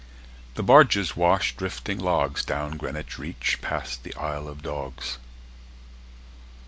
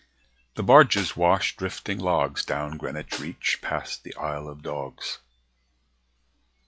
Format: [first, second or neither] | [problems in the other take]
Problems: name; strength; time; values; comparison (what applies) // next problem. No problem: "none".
first | noise reduction (classical method log-MMSE)